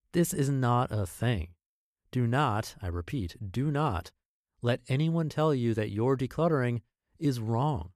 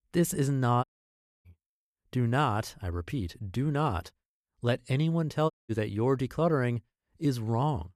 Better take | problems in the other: first | audio cutting out; at 1 s for 0.5 s and at 5.5 s

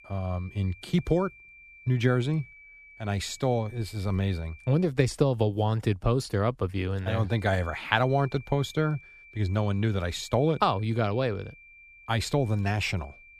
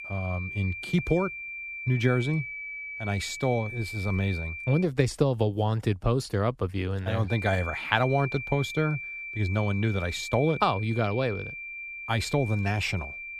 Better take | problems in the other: first | high-pitched whine; loud; until 5 s and from 7.5 s on; 2.5 kHz, 8 dB below the speech; faint in the first

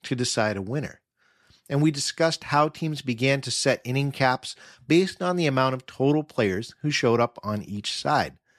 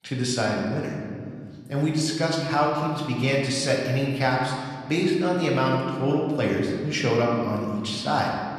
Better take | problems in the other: first | room echo; noticeable; dies away in 2 s // off-mic speech; somewhat distant

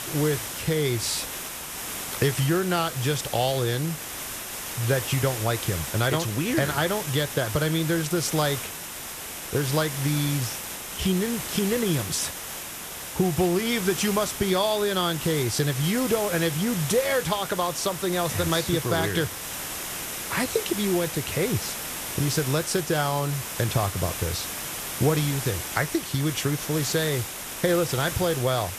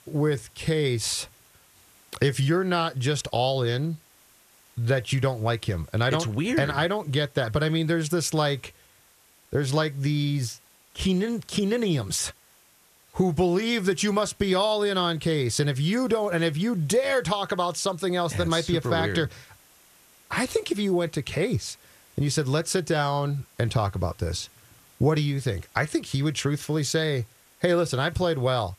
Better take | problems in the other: second | hiss; loud; throughout; 6 dB below the speech; faint in the second

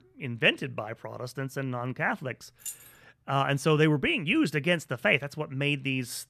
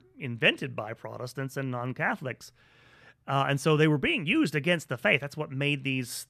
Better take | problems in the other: second | jangling keys; faint; at 2.5 s; peak 10 dB below the speech

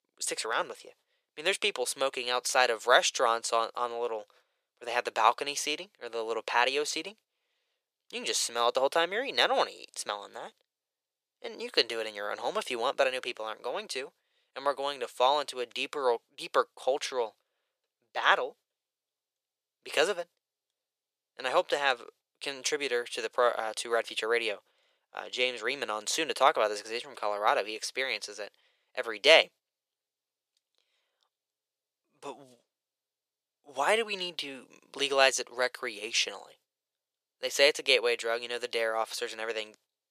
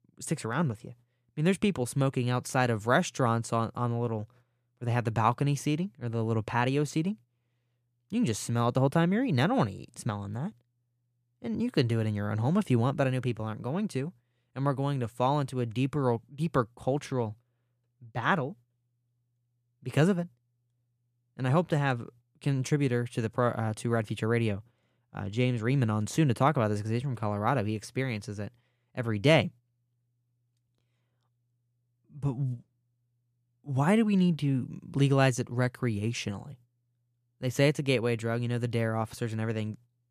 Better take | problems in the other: second | thin; very; fading below 500 Hz

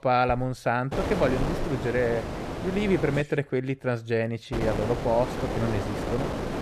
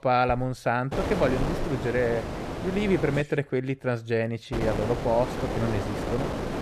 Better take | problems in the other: neither | wind noise on the microphone; heavy; from 1 to 3 s and from 4.5 s on; 5 dB below the speech; the same in both

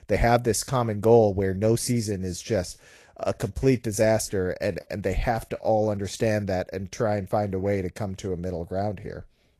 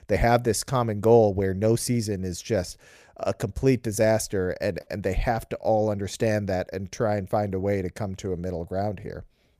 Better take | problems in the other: second | garbled, watery; slightly; nothing above 12 kHz

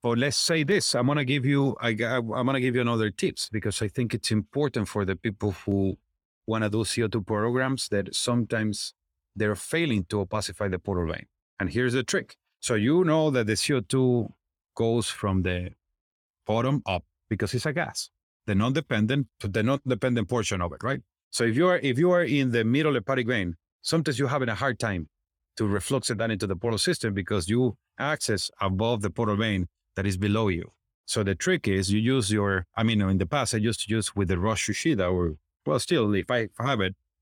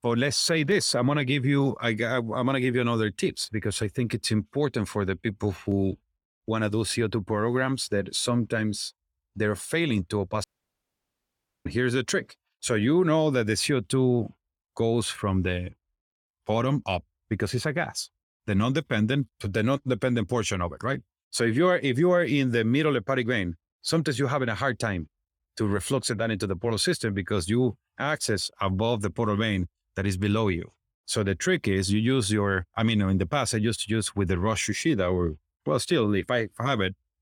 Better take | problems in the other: first | audio cutting out; at 10 s for 1 s

